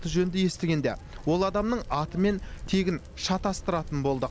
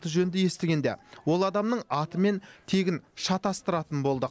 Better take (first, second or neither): second